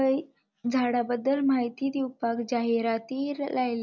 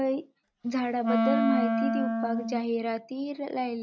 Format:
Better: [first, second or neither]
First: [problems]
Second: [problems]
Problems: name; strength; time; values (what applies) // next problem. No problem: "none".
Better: first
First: none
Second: noise reduction (neural mask model RNNoise)